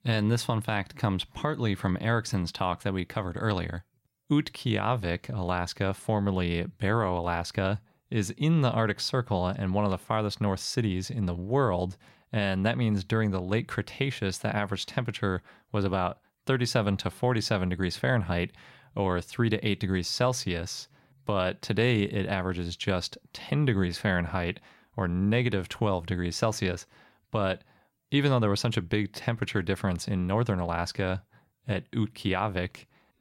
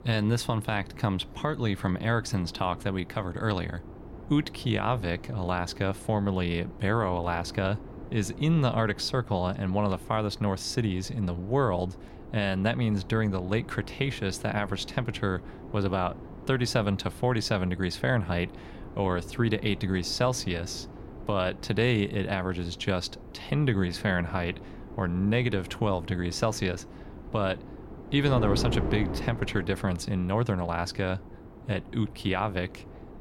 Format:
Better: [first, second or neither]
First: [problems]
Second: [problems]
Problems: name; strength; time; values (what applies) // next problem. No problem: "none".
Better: first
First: none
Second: wind noise on the microphone; occasional gusts; 15 dB below the speech